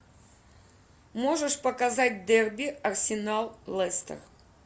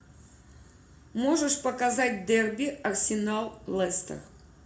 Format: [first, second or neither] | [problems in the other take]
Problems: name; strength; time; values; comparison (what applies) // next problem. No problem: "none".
first | room echo; dies away in 0.4 s